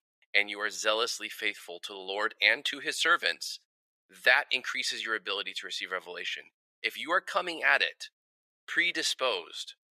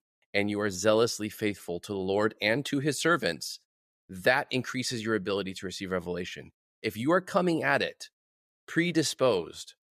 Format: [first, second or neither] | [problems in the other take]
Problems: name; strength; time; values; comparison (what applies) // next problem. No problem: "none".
second | thin; very; fading below 600 Hz